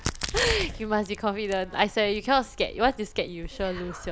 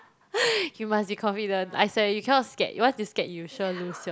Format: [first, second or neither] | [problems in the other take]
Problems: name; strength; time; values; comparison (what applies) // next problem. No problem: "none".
second | background sound (Crack); 9 dB below the speech